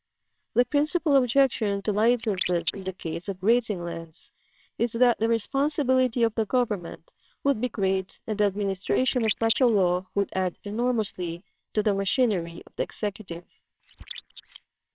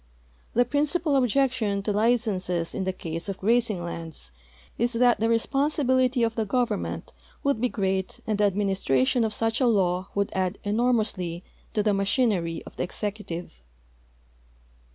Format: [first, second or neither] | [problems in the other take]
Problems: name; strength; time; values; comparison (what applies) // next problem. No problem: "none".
second | noise reduction (neural separator model SepFormer WHAMR!)